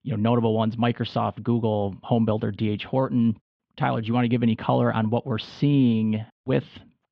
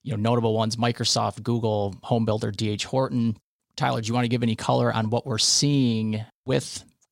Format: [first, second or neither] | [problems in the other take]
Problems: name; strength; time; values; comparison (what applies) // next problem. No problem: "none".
second | muffled; very; fading above 3 kHz